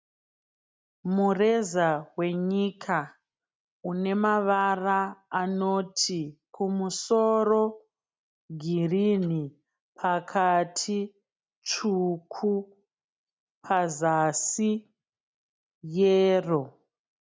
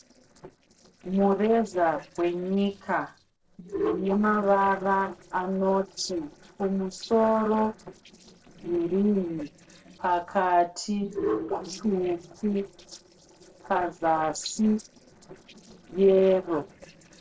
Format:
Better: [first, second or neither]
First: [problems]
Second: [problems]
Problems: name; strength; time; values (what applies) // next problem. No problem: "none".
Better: first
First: none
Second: noise reduction (neural separator model SepFormer DNS4)